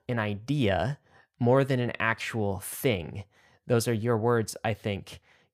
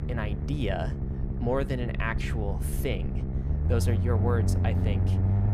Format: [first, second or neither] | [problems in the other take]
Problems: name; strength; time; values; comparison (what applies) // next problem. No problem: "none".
first | low rumble; loud; throughout; 7 dB below the speech